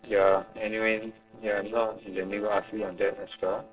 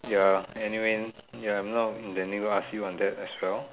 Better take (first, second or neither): second